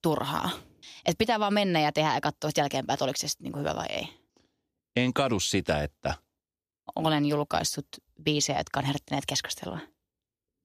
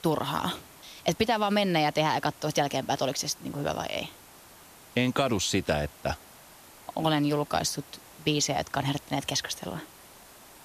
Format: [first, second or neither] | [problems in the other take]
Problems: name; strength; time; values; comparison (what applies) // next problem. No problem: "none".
first | hiss; faint; throughout; 20 dB below the speech